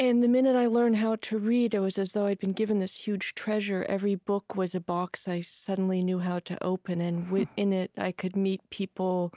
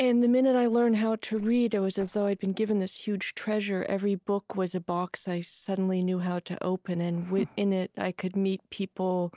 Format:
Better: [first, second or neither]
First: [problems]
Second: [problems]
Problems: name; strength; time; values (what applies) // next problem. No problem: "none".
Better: first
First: none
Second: noise reduction (neural separator model SepFormer DNS4)